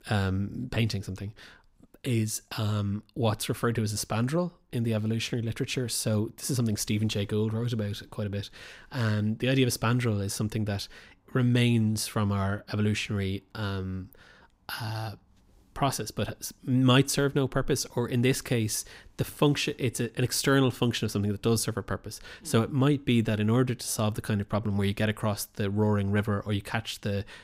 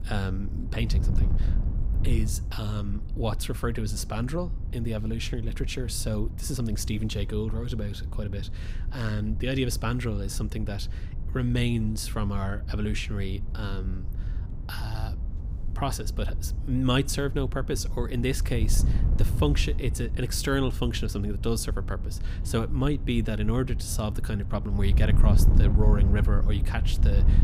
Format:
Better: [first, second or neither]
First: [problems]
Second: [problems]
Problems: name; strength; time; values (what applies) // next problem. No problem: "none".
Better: first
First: none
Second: wind noise on the microphone; occasional gusts; 10 dB below the speech